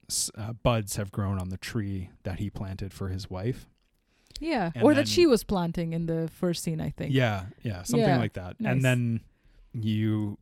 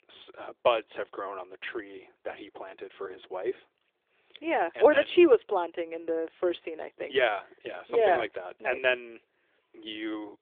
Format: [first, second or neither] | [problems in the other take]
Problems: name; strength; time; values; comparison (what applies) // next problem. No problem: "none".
first | phone-call audio